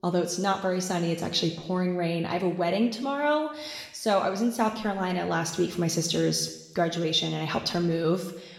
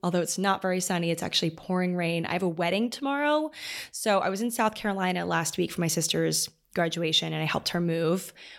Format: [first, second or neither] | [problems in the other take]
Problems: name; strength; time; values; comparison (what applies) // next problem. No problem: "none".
second | room echo; slight; dies away in 0.9 s